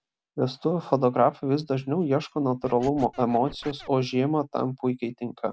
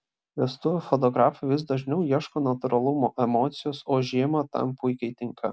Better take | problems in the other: second | background sound (Scratching (performance technique)); 20 dB below the speech

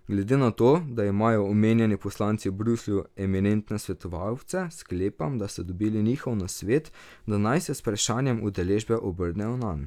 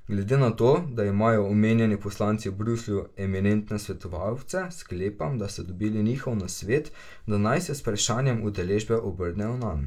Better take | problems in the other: first | room echo; dies away in 0.2 s

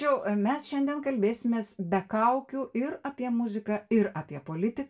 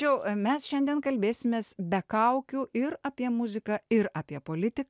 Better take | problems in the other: second | room echo; dies away in 0.2 s

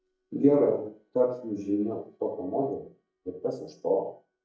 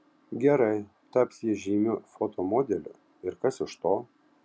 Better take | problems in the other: second | noise reduction (neural mask model DeepFilterNet 3)

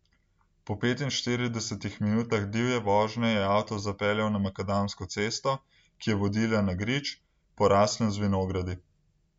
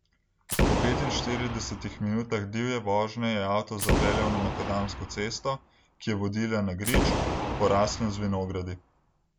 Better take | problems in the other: first | background sound (Boom); as loud as the speech

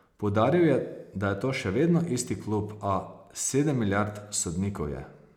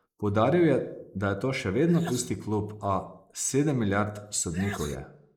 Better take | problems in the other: first | noise reduction (neural mask model Resemble Enhance denoiser)

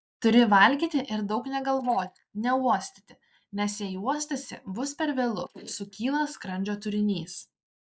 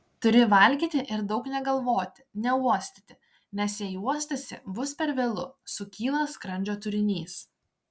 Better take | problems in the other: second | noise reduction (neural mask model Resemble Enhance denoiser)

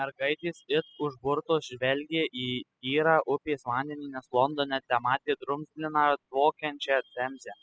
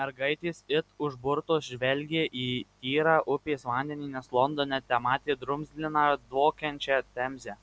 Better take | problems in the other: second | noise reduction (classical method spectral subtraction)

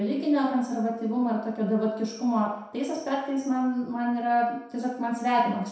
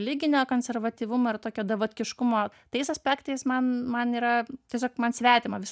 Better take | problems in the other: second | room echo; dies away in 0.7 s

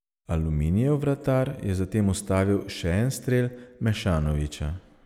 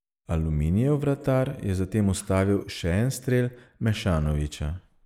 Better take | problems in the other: first | noise reduction (neural mask model Resemble Enhance denoiser)

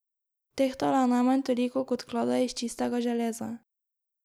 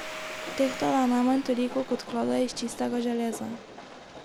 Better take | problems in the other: first | background sound (Domestic sounds, home sounds + Train); 11 dB below the speech

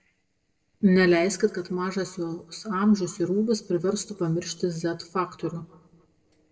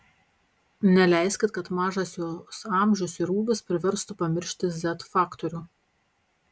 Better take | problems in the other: second | noise reduction (neural separator model SepFormer DNS4)

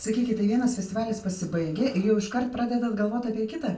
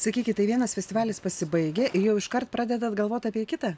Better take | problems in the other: second | room echo; dies away in 0.3 s

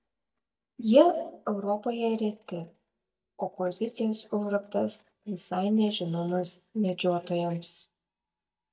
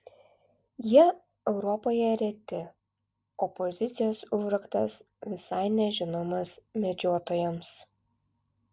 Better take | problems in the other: second | noise reduction (neural mask model DeepFilterNet 3)

